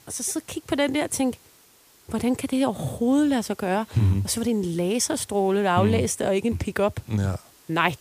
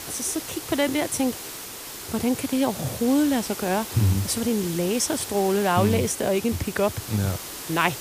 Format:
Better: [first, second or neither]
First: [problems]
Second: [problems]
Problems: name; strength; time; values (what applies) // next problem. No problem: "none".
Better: first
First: hiss; faint; throughout; 30 dB below the speech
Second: hiss; loud; throughout; 9 dB below the speech